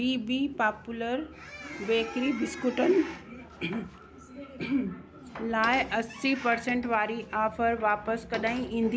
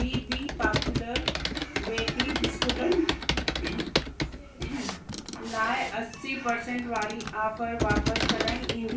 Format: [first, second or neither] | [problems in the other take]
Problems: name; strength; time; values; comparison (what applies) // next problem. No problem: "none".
first | background sound (Computer keyboard); 1 dB above the speech // room echo; dies away in 0.3 s